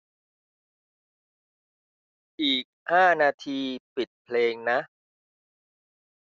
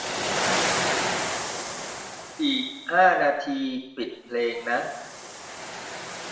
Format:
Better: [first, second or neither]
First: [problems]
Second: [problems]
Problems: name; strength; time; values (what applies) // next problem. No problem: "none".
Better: first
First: none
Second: background sound (Waves, surf); 3 dB below the speech // room echo; dies away in 0.9 s